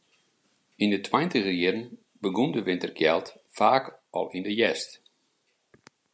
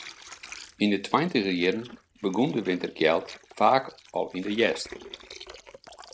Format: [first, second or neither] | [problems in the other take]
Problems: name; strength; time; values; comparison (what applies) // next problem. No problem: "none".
first | noise reduction (neural mask model RNNoise)